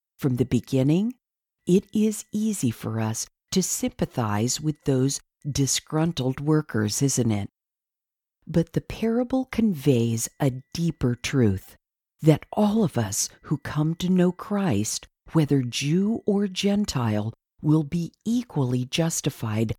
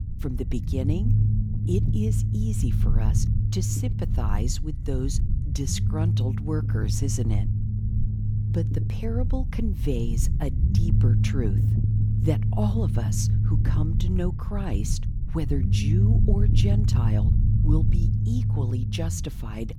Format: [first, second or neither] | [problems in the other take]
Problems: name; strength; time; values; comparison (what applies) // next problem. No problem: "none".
first | low rumble; loud; throughout; 2 dB below the speech